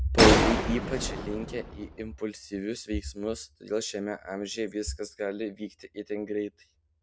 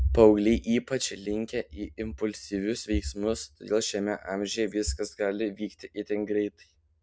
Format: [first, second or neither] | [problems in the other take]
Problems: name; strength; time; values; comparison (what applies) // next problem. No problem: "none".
second | background sound (Gunshot, gunfire); 4 dB above the speech